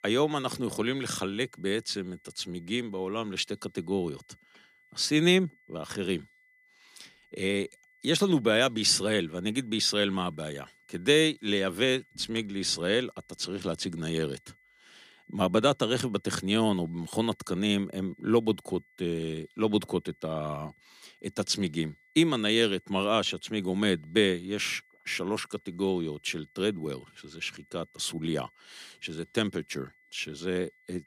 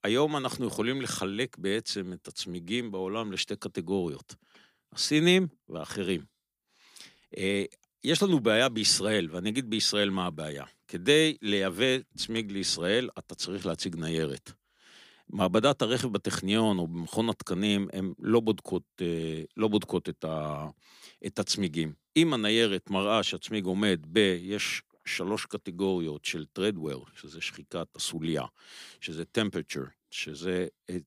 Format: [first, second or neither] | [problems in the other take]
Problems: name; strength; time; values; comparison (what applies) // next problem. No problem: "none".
second | high-pitched whine; faint; throughout; 2 kHz, 35 dB below the speech